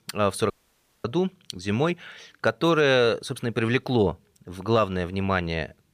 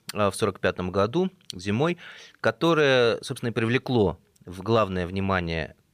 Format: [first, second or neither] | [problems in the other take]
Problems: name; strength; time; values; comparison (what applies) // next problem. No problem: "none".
second | audio cutting out; at 0.5 s for 0.5 s